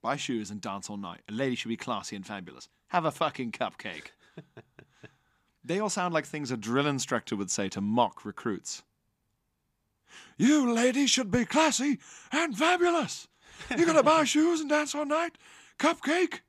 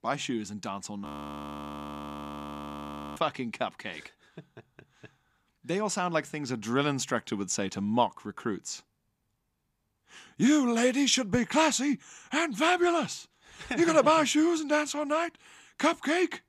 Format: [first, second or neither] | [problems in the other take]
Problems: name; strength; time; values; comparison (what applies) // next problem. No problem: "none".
first | audio freezing; at 1 s for 2 s